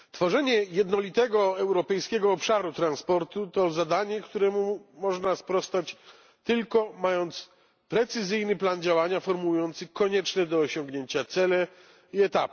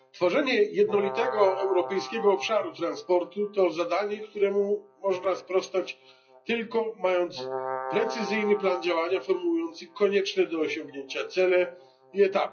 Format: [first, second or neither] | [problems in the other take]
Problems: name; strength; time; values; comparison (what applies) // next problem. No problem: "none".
first | noise reduction (classical method WPE with log-MMSE)